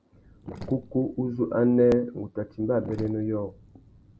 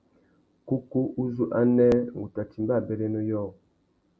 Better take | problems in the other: second | background sound (Sink (filling or washing)); 18 dB below the speech

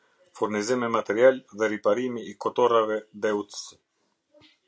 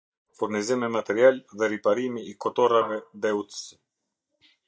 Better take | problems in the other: first | noise reduction (neural mask model DeepFilterNet 3)

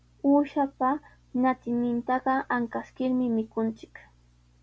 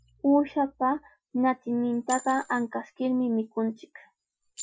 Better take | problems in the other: first | noise reduction (classical method Wiener filter)

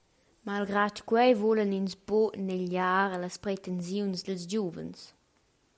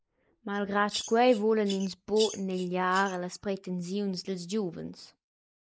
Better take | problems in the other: first | noise reduction (neural mask model Resemble Enhance denoiser)

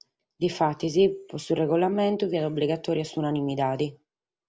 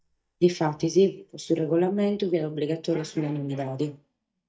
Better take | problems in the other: first | noise reduction (neural mask model DeepFilterNet 3)

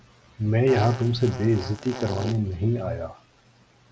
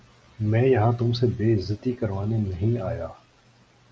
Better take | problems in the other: second | background sound (Fart); 11 dB below the speech

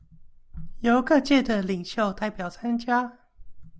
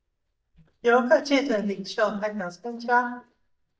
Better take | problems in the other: first | noise reduction (neural mask model DeepFilterNet 3)

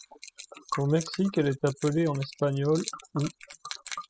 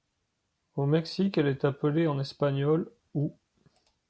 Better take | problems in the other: second | noise reduction (classical method spectral subtraction)

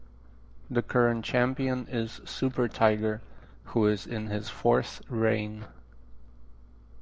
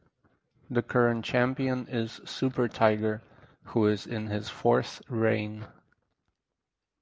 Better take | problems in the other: second | background sound (Engine); 16 dB below the speech

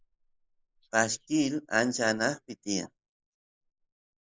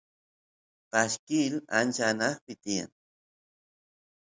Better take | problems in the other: second | noise reduction (neural mask model Resemble Enhance denoiser)

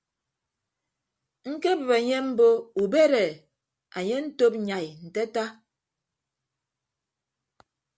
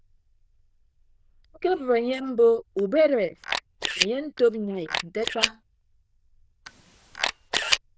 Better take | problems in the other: first | noise reduction (neural diffusion model UNIVERSE++)

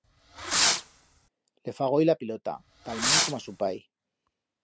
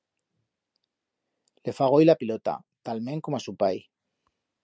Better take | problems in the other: second | background sound (Fireworks); 3 dB above the speech

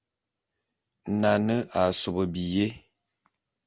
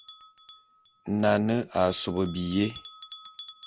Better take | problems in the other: first | background sound (Bell); 19 dB below the speech

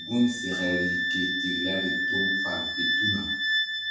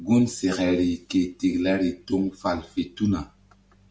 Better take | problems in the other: second | background sound (Wind instrument, woodwind instrument); 3 dB above the speech // room echo; dies away in 0.7 s

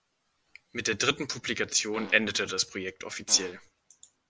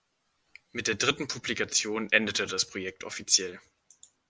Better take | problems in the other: second | background sound (Fart); 14 dB below the speech

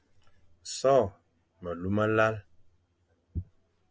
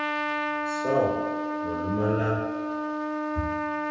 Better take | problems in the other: first | background sound (Trumpet); 1 dB above the speech // room echo; dies away in 1.2 s

